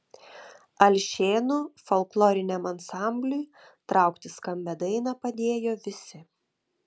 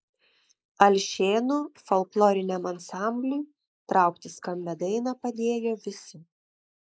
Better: first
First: none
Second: noise reduction (neural mask model Resemble Enhance denoiser)

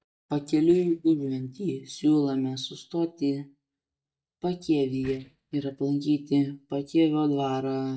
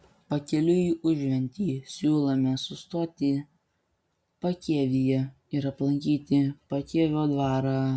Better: second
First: noise reduction (neural mask model DeepFilterNet 3)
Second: none

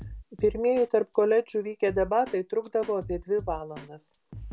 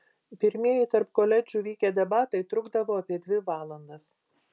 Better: second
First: background sound (Drum kit); 17 dB below the speech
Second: none

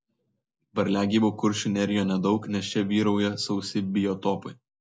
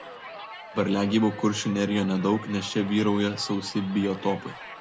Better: first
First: none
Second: background sound (Crowd); 15 dB below the speech

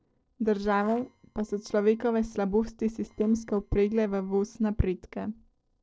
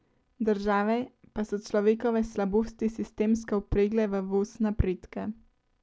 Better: second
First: noise reduction (neural separator model SepFormer DNS4)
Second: none

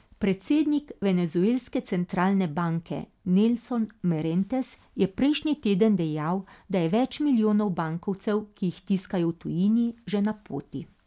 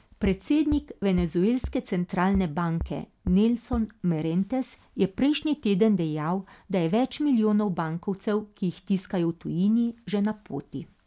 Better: first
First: none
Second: background sound (Bass drum); 12 dB below the speech

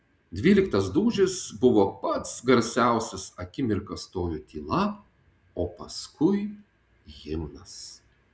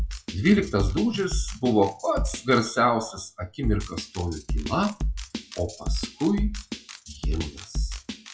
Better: first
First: none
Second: noise reduction (classical method WPE with log-MMSE)

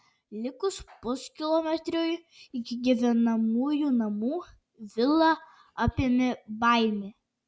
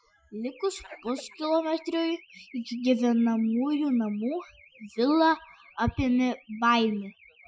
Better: first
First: none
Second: noise reduction (classical method Wiener filter)

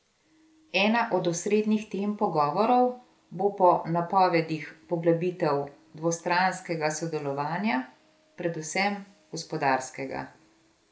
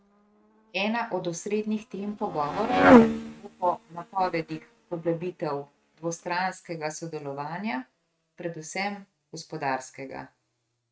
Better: first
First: none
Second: noise reduction (neural mask model RNNoise)

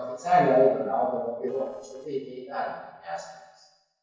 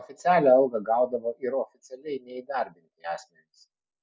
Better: second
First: noise reduction (neural separator model SepFormer DNS4)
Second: none

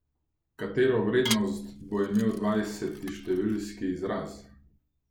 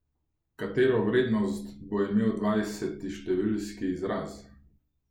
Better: second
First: background sound (Dishes, pots, and pans / Glass); 12 dB below the speech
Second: none

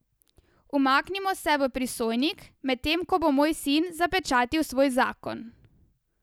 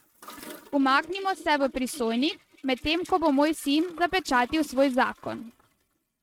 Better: first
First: none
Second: noise reduction (neural mask model RNNoise)

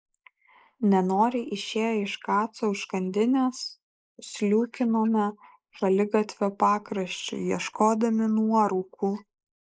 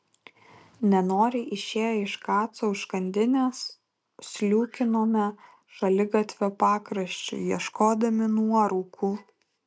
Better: second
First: noise reduction (neural mask model Resemble Enhance denoiser)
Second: none

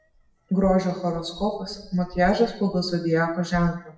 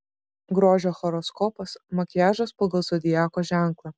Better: second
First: noise reduction (classical method WPE with log-MMSE)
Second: none

